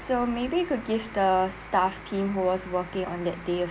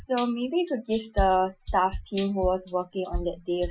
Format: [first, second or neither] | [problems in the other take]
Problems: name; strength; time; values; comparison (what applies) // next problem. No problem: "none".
first | noise reduction (classical method Wiener filter)